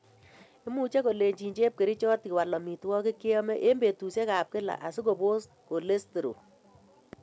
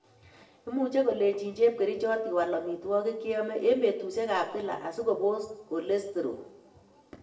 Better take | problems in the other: first | room echo; dies away in 0.7 s

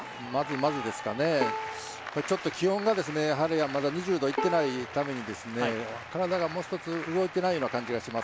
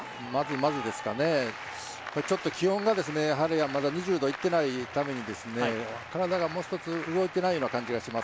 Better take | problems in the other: second | background sound (Bowed string instrument); 11 dB below the speech

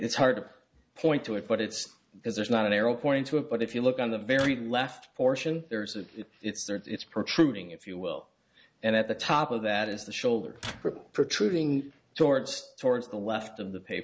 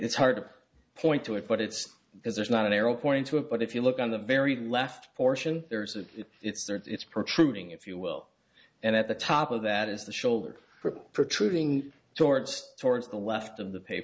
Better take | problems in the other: second | background sound (Microwave oven); 19 dB below the speech

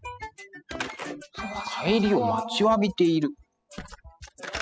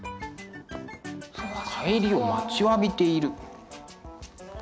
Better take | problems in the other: second | noise reduction (classical method spectral subtraction)

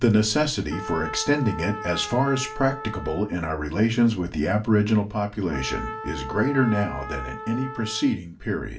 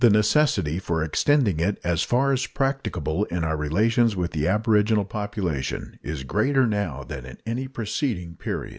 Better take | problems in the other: second | background sound (Trumpet); 13 dB below the speech // room echo; dies away in 0.2 s

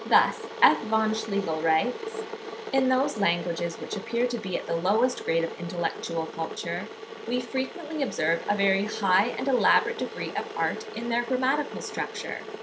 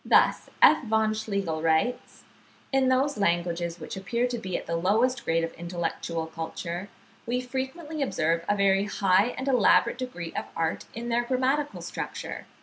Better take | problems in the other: second | background sound (Boiling / Water); 10 dB below the speech

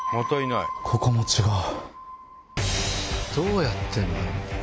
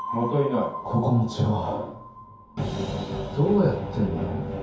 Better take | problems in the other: first | room echo; dies away in 0.6 s

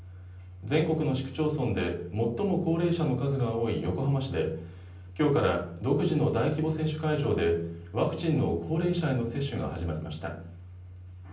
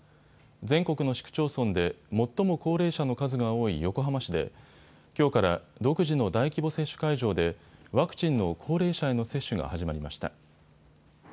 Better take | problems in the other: second | background sound (Domestic sounds, home sounds); 16 dB below the speech // room echo; dies away in 0.6 s

